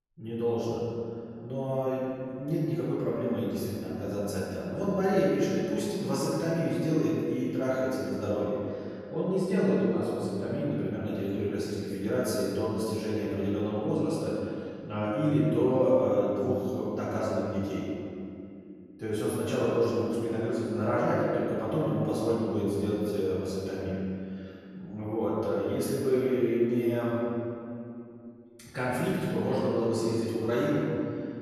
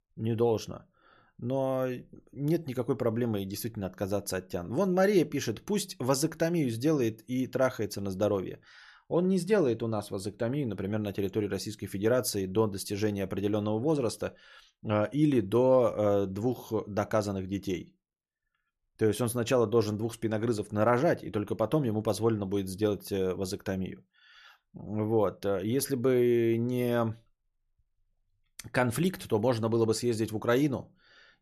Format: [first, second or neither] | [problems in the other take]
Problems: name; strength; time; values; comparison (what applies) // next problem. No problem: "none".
second | off-mic speech; far // room echo; strong; dies away in 2.5 s